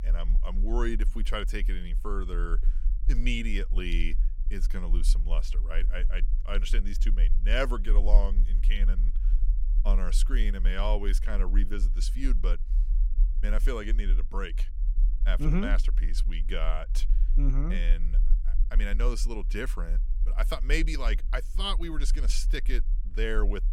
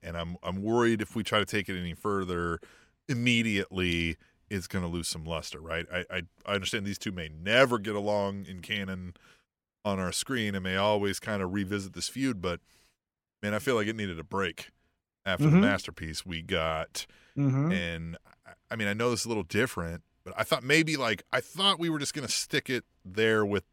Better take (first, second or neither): second